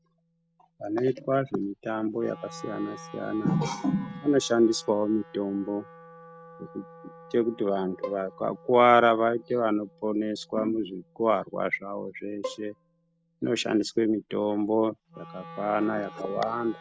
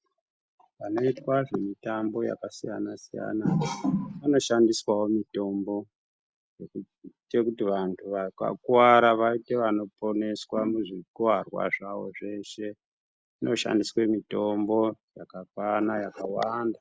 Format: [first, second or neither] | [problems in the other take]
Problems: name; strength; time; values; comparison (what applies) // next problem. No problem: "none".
second | background sound (Wind instrument, woodwind instrument + Bowed string instrument); 19 dB below the speech